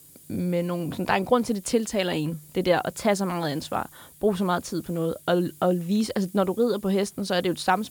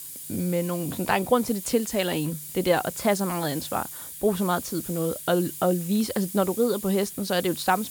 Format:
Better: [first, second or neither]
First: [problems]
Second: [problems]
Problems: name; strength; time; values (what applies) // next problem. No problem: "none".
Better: first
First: hiss; faint; throughout; 20 dB below the speech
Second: hiss; loud; throughout; 9 dB below the speech